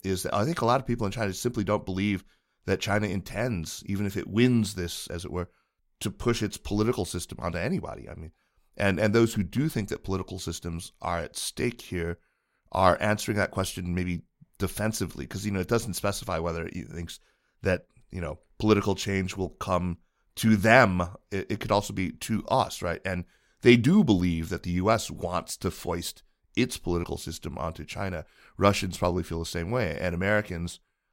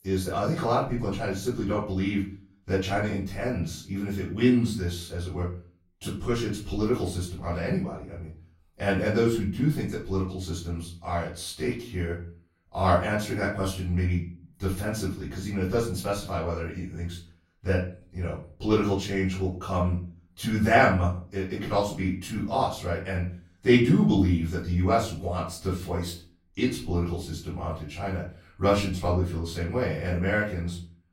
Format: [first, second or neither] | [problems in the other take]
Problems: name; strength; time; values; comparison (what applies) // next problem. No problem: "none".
first | off-mic speech; far // room echo; noticeable; dies away in 0.4 s